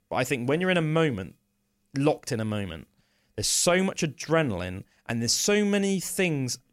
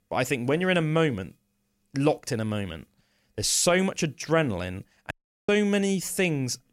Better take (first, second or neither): first